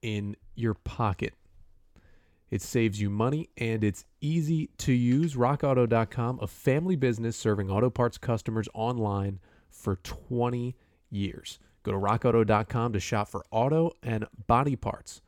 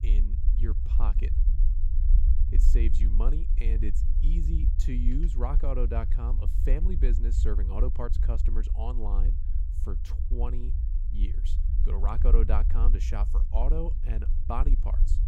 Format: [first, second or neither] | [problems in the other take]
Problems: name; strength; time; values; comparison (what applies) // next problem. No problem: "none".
first | low rumble; loud; throughout; 9 dB below the speech